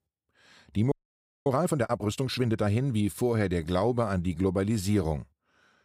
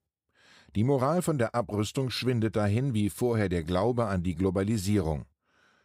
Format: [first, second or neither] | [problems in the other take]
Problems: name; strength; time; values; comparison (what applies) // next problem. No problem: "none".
second | audio freezing; at 1 s for 0.5 s